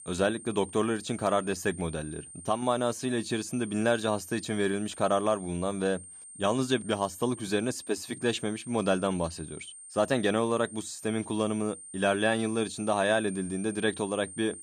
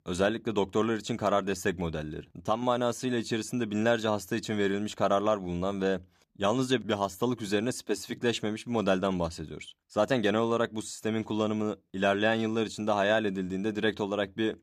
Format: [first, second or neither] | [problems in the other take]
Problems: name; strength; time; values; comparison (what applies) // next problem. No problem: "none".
second | high-pitched whine; noticeable; throughout; 9 kHz, 15 dB below the speech